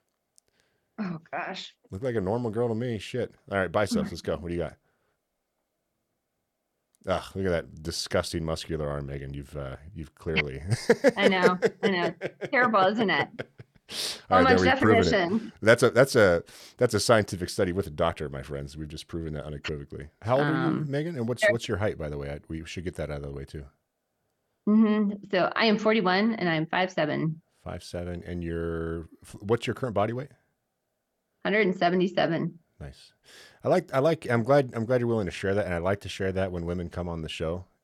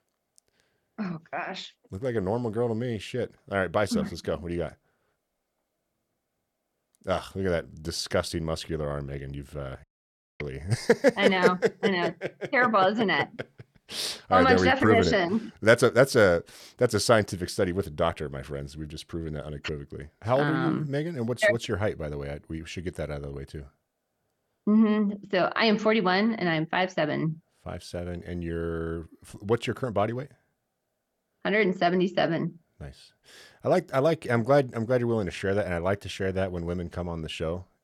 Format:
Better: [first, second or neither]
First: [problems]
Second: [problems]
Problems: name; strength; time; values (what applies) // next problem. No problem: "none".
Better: first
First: none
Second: audio cutting out; at 10 s for 0.5 s